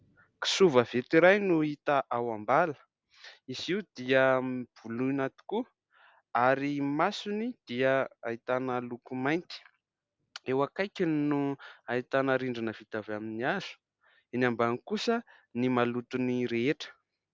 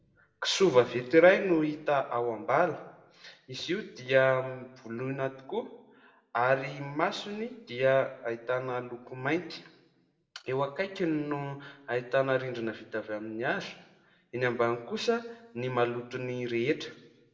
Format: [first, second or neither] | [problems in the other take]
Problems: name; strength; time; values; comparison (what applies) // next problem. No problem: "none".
first | room echo; dies away in 0.7 s